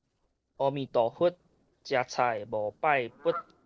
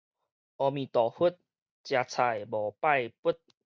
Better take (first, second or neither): second